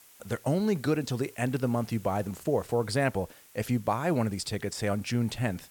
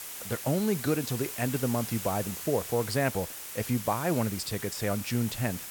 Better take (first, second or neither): first